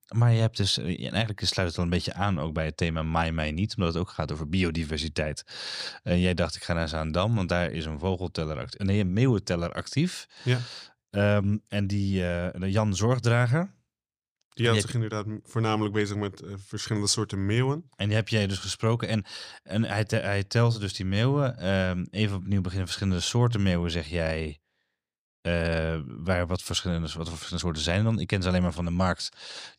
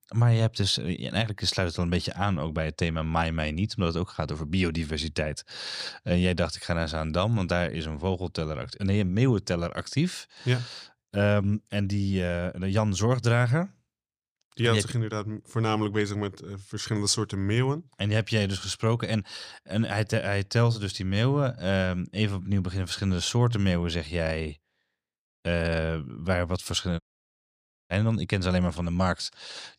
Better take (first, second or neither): first